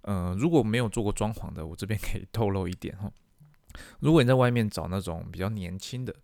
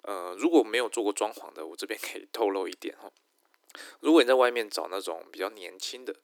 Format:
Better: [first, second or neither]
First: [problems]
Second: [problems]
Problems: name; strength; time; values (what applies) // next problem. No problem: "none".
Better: first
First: none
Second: thin; very; fading below 300 Hz